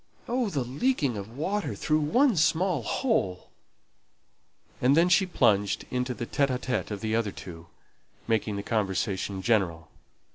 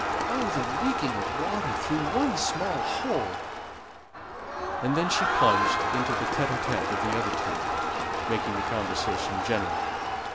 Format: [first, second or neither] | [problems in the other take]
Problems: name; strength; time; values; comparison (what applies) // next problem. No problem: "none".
first | background sound (Crowd); 3 dB above the speech